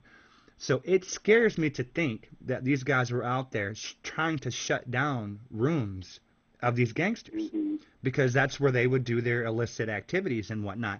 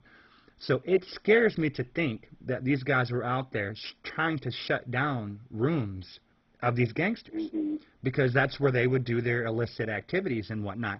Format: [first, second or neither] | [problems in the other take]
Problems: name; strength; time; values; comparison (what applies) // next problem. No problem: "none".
first | garbled, watery; badly; nothing above 5.5 kHz; slightly in the first